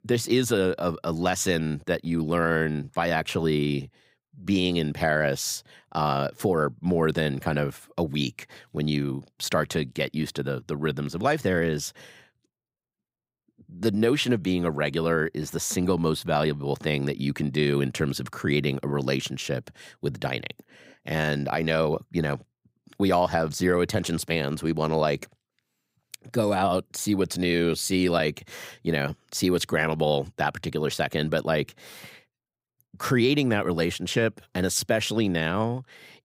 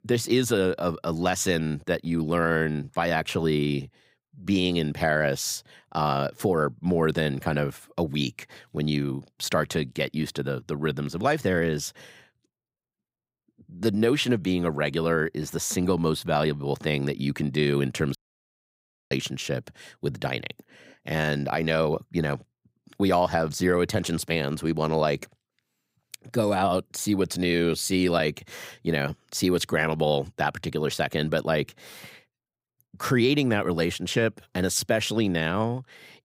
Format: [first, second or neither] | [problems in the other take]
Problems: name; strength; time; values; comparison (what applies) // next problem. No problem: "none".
first | audio cutting out; at 18 s for 1 s